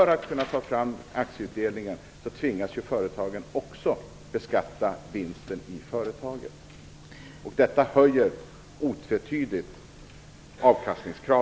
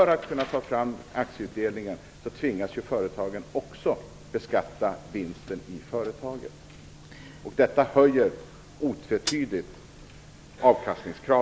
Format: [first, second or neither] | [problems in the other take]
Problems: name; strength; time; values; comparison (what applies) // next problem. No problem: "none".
first | background sound (Hi-hat); 10 dB below the speech